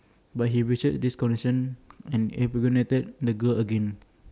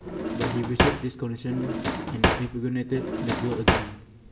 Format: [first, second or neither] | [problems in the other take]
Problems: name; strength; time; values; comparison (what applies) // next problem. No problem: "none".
first | background sound (Drawer open or close); 3 dB above the speech // room echo; dies away in 2.3 s